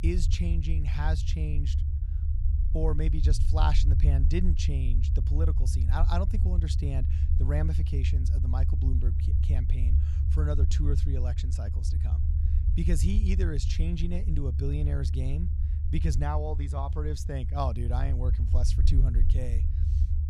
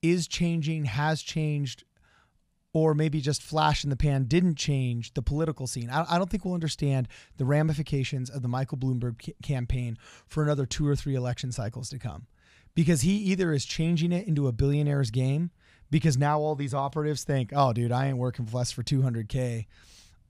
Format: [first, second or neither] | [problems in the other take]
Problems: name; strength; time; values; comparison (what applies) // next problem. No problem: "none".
second | low rumble; loud; throughout; 7 dB below the speech